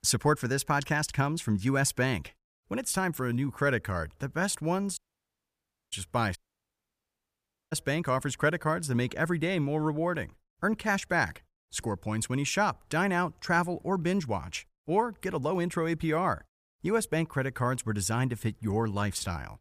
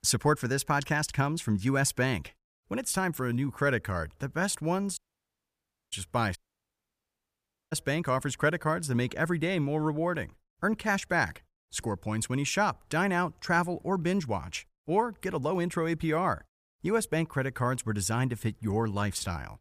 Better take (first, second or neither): neither